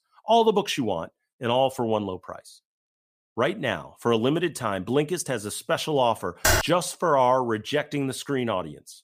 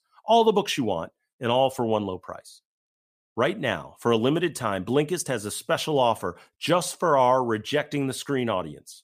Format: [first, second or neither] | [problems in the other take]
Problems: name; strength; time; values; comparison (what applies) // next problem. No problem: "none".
second | keyboard typing; loud; at 6.5 s; peak 3 dB above the speech